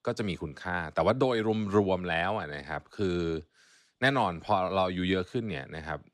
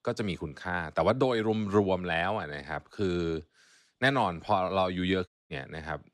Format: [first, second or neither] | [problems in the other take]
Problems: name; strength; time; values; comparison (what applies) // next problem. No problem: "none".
first | audio cutting out; at 5.5 s